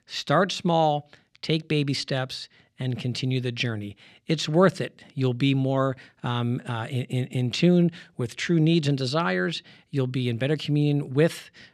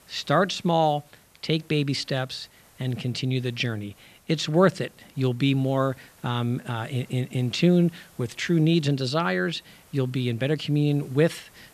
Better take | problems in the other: first | hiss; faint; throughout; 30 dB below the speech

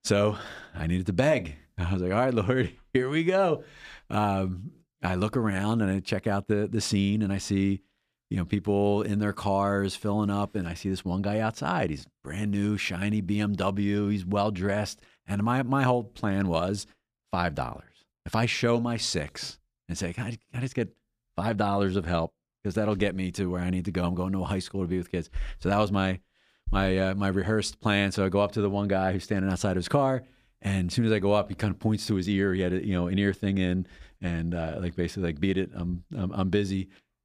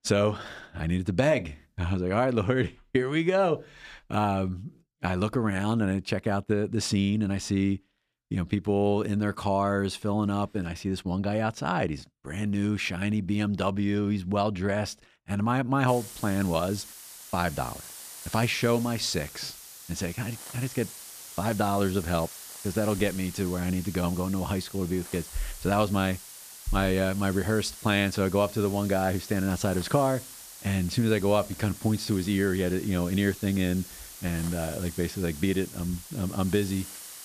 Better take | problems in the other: first | hiss; noticeable; from 16 s on; 15 dB below the speech

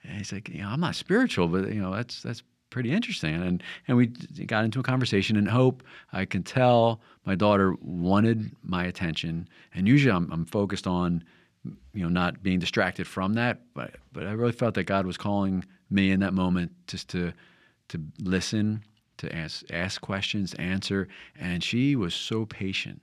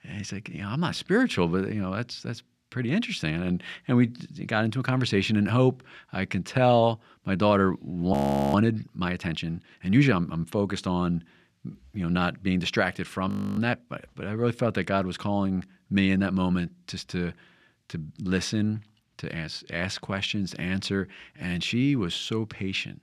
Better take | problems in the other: first | audio freezing; at 8 s and at 13 s

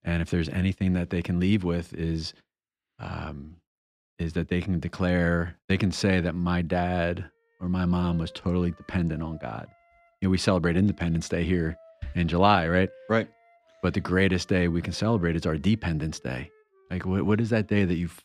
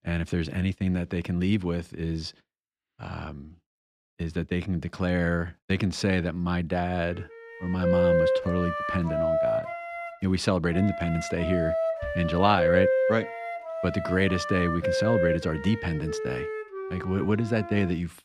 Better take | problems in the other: first | background music; loud; from 7.5 s on; 1 dB below the speech; faint in the first

